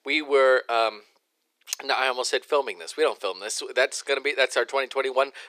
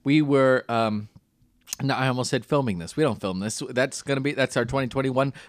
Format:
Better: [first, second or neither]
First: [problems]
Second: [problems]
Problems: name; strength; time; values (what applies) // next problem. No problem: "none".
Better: second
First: thin; very; fading below 400 Hz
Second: none